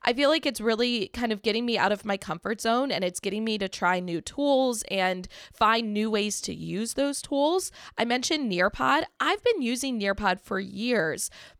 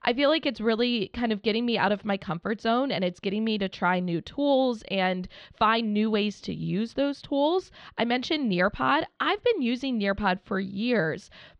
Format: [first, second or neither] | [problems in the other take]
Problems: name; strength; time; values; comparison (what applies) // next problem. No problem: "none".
first | muffled; very slightly; fading above 4 kHz